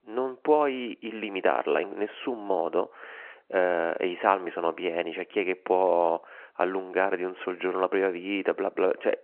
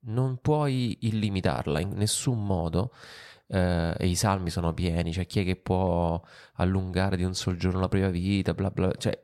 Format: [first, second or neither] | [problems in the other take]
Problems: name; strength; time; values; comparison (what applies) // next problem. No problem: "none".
second | phone-call audio